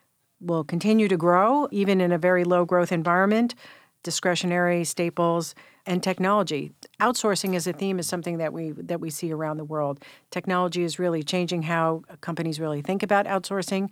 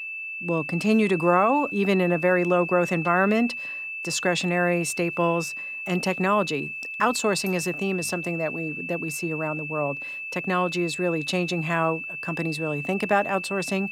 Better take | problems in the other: first | high-pitched whine; loud; throughout; 2.5 kHz, 6 dB below the speech

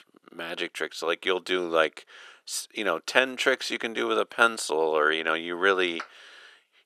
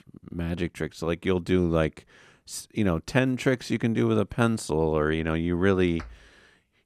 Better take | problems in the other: second | thin; very; fading below 450 Hz

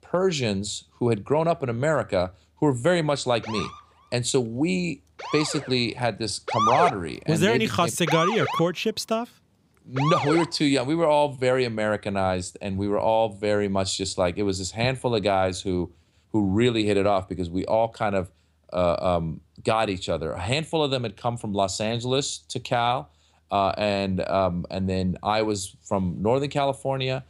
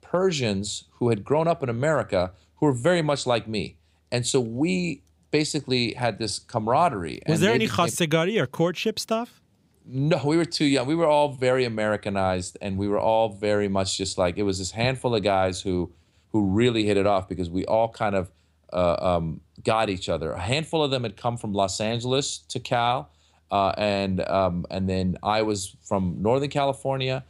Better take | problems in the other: second | siren; loud; from 3.5 to 10 s; peak 2 dB above the speech

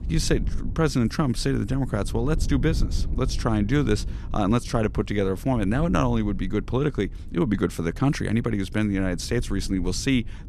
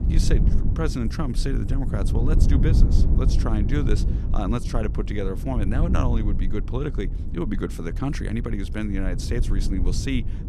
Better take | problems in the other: first | low rumble; loud; throughout; 7 dB below the speech; faint in the first

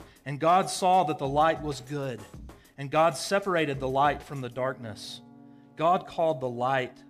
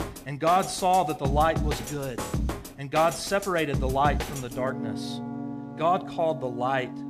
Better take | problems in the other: first | background music; loud; throughout; 7 dB below the speech; faint in the first

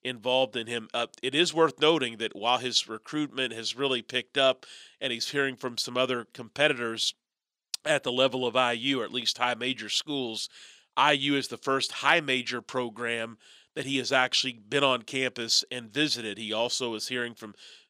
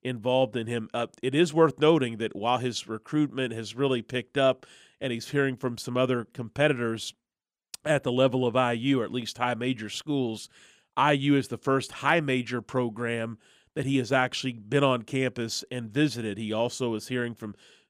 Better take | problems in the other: second | thin; very slightly; fading below 900 Hz

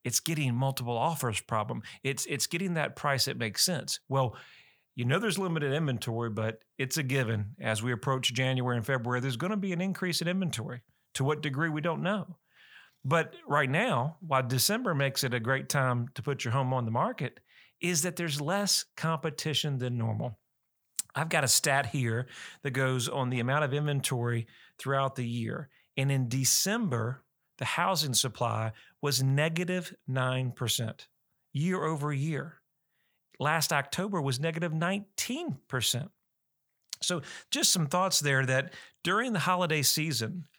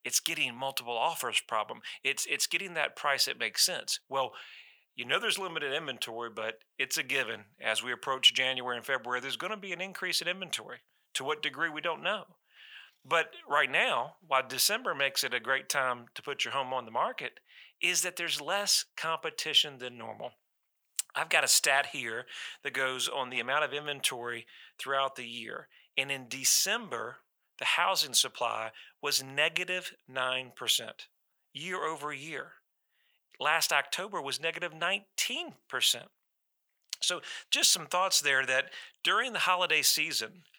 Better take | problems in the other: first | thin; very; fading below 500 Hz

